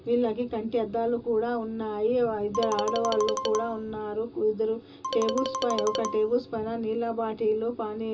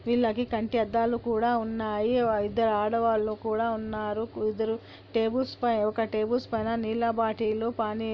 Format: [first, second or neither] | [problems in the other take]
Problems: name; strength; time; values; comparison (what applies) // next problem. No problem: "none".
second | background sound (Marimba, xylophone); 5 dB below the speech // room echo; dies away in 0.2 s